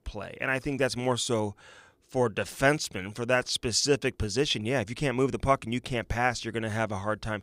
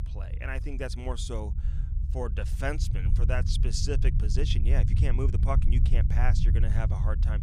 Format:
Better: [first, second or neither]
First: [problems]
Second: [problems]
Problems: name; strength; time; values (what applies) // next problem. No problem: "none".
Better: first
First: none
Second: low rumble; loud; throughout; 8 dB below the speech